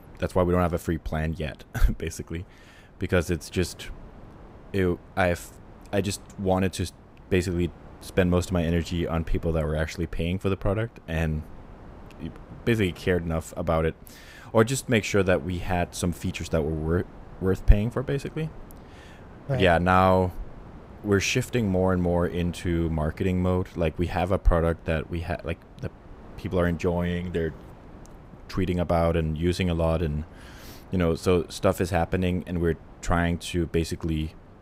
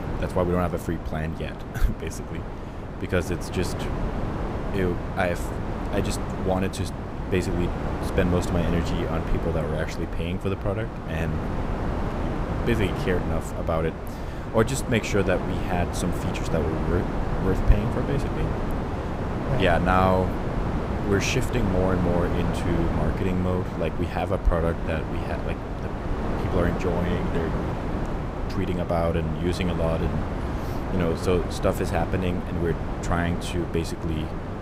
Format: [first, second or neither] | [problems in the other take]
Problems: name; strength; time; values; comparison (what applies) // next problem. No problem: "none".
first | wind noise on the microphone; heavy; 4 dB below the speech; occasional gusts in the first